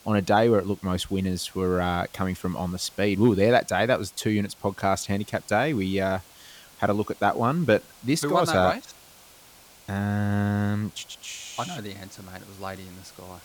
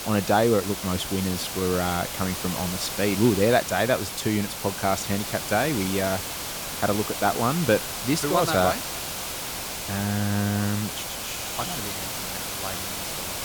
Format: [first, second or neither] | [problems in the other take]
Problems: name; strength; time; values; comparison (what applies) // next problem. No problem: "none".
first | hiss; loud; throughout; 5 dB below the speech; faint in the first